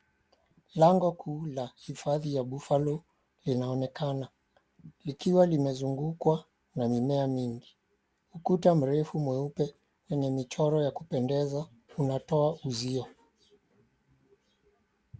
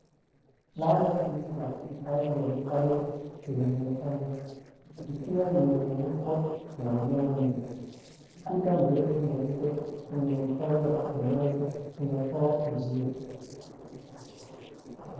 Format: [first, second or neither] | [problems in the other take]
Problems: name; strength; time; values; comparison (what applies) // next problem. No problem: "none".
first | noise reduction (neural separator model SepFormer DNS4)